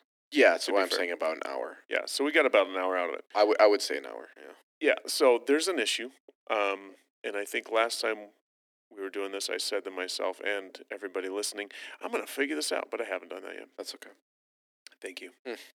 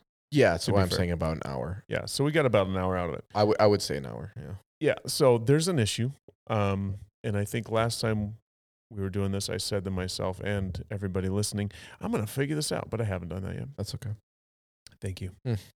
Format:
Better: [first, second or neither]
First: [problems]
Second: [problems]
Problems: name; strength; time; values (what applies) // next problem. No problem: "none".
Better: second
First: thin; somewhat; fading below 250 Hz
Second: none